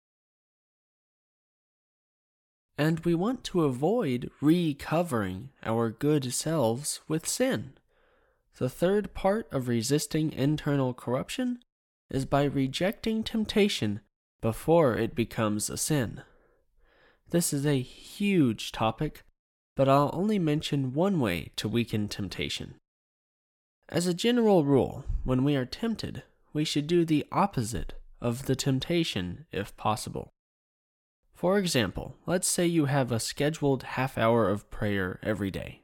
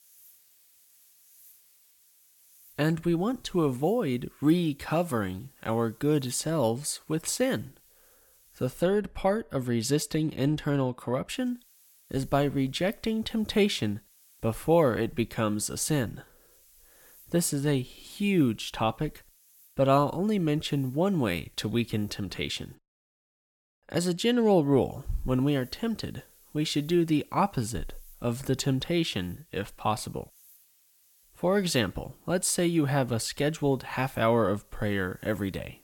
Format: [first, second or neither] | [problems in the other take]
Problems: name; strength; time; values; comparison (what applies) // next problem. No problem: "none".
first | hiss; faint; until 8.5 s, from 11 to 23 s and from 25 s on; 30 dB below the speech